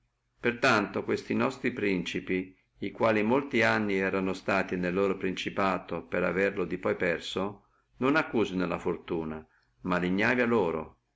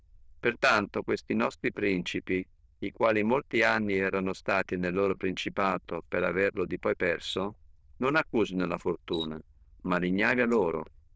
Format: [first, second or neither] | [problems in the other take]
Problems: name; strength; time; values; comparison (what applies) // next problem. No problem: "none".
first | noise reduction (neural diffusion model UNIVERSE++)